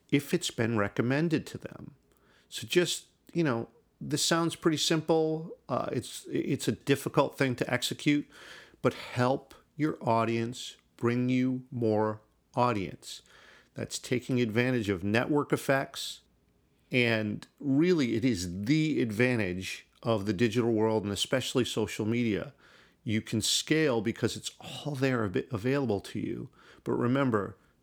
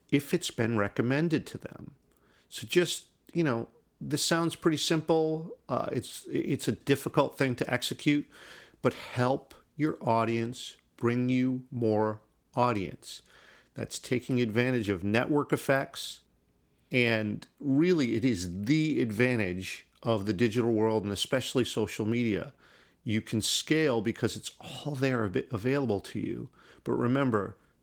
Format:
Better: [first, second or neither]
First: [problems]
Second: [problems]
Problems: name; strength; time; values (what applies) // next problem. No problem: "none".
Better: first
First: none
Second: garbled, watery; slightly; nothing above 19 kHz